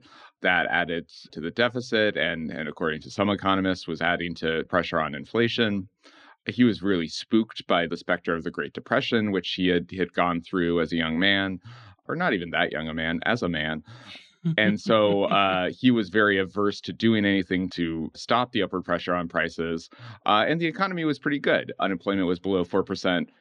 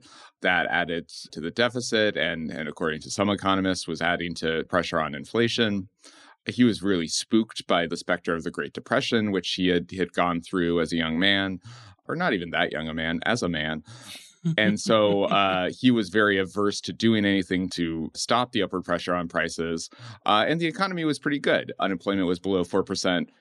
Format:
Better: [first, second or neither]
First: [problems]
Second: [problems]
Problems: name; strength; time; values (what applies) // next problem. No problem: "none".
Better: second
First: muffled; very slightly; fading above 3 kHz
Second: none